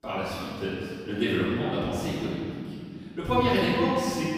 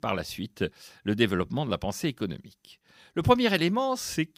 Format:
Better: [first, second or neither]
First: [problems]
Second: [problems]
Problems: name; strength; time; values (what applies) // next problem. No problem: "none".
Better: second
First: room echo; strong; dies away in 2.3 s // off-mic speech; far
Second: none